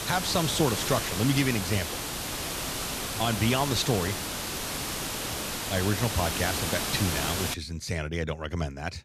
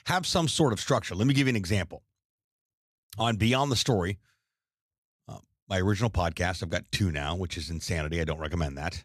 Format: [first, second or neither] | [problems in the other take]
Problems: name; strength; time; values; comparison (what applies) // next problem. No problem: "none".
second | hiss; loud; until 7.5 s; 2 dB below the speech